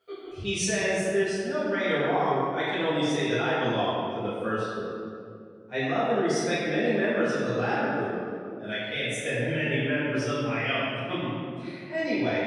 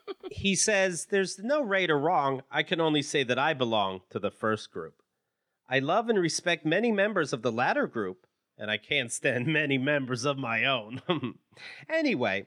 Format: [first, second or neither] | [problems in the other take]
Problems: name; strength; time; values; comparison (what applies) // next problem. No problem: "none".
second | off-mic speech; far // room echo; strong; dies away in 2.1 s